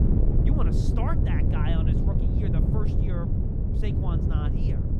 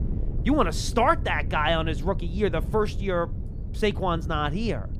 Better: second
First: wind noise on the microphone; heavy; 3 dB above the speech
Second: wind noise on the microphone; occasional gusts; 20 dB below the speech

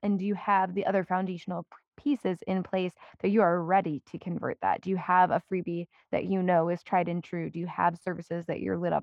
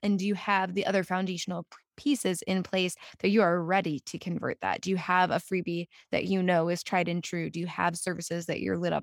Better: second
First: muffled; very; fading above 3.5 kHz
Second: none

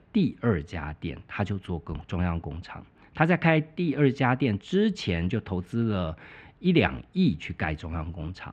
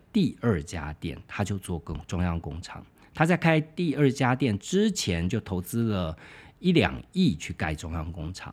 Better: second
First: muffled; slightly; fading above 2.5 kHz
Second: none

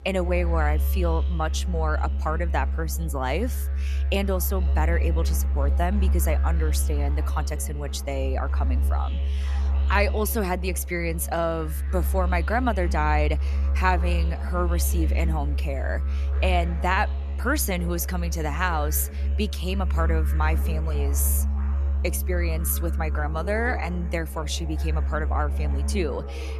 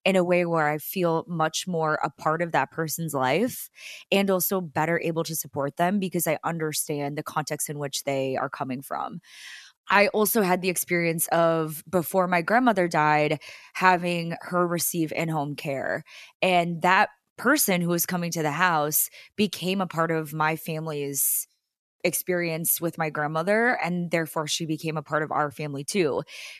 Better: second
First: background music; very loud; throughout; 2 dB above the speech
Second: none

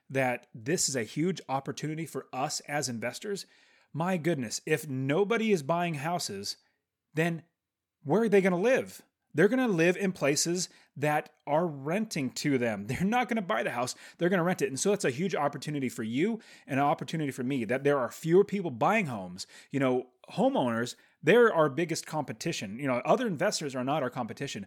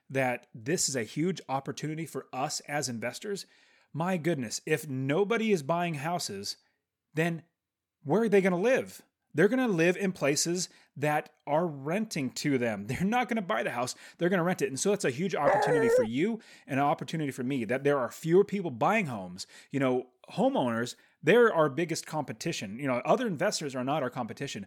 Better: first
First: none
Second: dog barking; loud; at 15 s; peak 5 dB above the speech

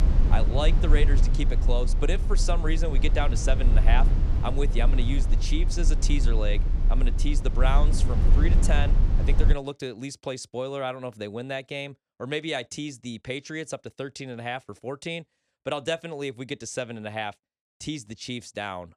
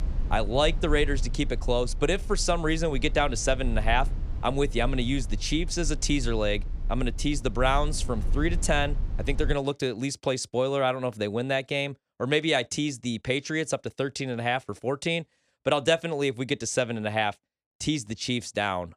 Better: second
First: low rumble; loud; until 9.5 s; 8 dB below the speech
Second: low rumble; faint; until 9.5 s; 20 dB below the speech

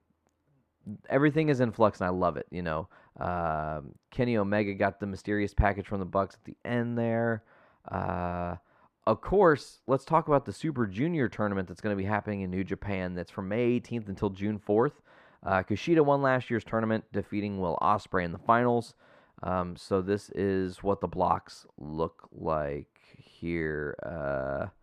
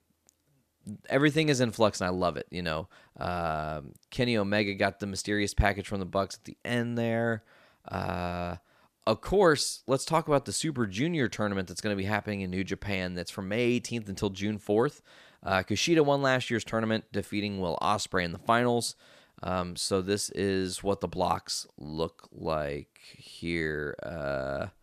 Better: second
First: muffled; very; fading above 3 kHz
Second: none

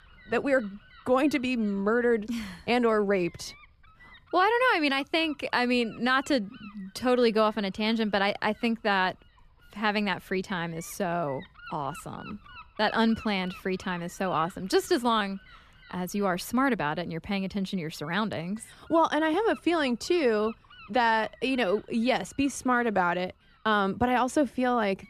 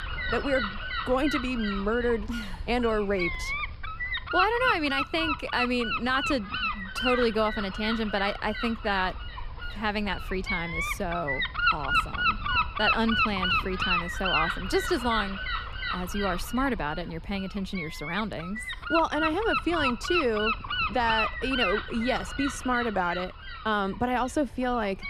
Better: first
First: wind noise on the microphone; occasional gusts; 25 dB below the speech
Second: wind noise on the microphone; heavy; 1 dB above the speech

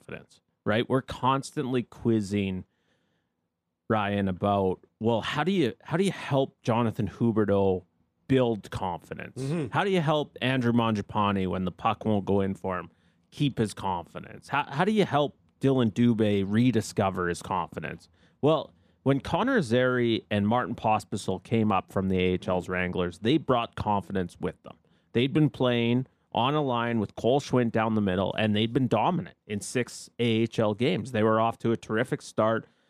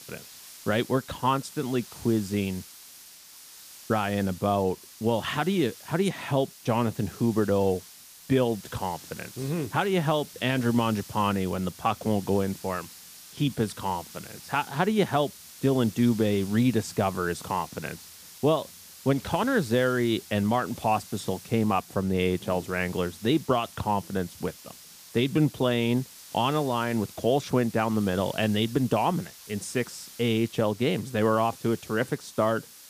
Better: first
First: none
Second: hiss; noticeable; throughout; 15 dB below the speech

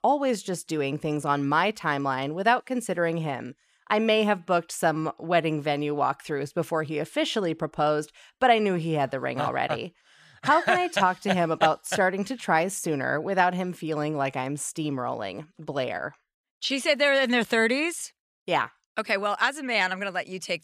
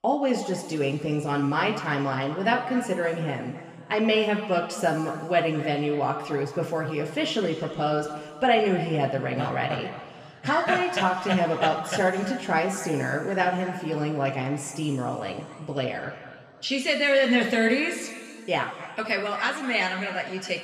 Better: first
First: none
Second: room echo; noticeable; dies away in 2.3 s // off-mic speech; somewhat distant

